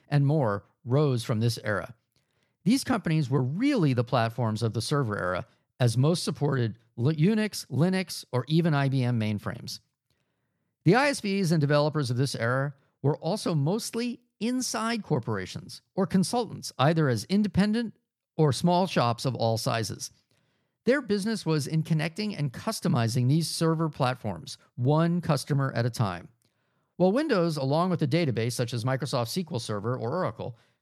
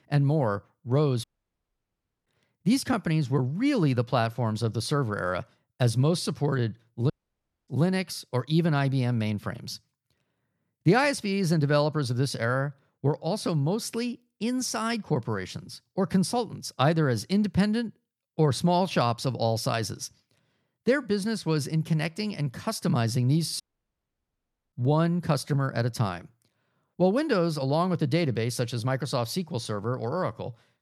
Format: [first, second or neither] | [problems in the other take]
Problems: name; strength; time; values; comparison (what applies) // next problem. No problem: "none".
first | audio cutting out; at 1 s for 1 s, at 7 s for 0.5 s and at 24 s for 1 s